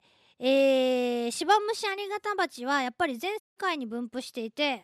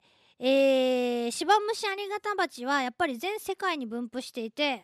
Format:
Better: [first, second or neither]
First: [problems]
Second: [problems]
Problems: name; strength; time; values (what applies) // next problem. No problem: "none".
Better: second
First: audio cutting out; at 3.5 s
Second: none